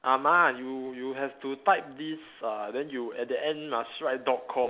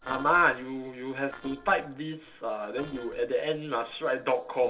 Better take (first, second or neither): first